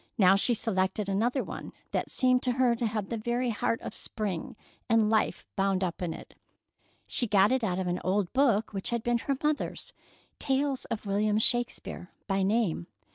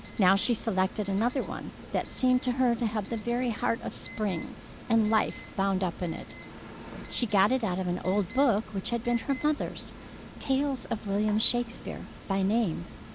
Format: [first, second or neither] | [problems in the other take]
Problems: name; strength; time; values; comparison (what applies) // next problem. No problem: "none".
first | background sound (Alarm); 14 dB below the speech